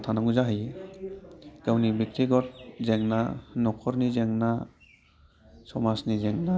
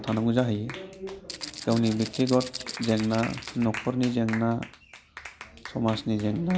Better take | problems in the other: first | background sound (Rattle (instrument) + Clapping); 14 dB below the speech

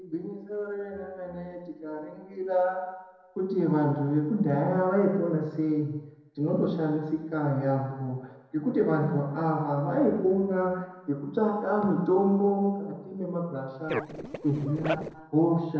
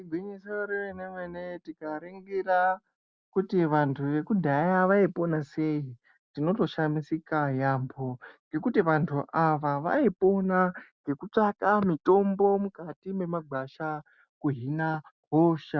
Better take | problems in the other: second | noise reduction (neural separator model SepFormer DNS4)

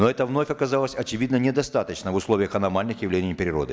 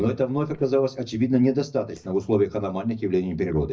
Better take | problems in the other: first | noise reduction (neural mask model DeepFilterNet 3)

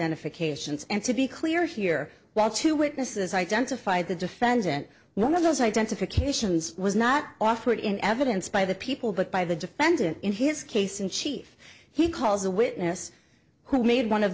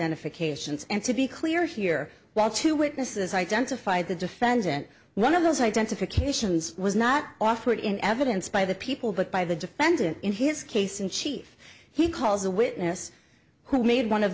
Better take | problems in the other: second | noise reduction (neural separator model SepFormer DNS4)

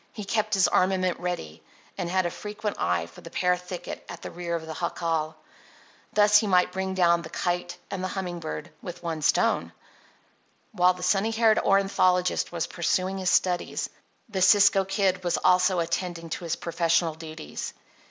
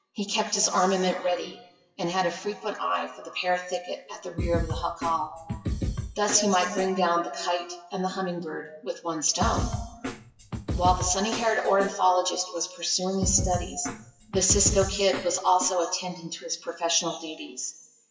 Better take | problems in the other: first | noise reduction (classical method WPE with log-MMSE)

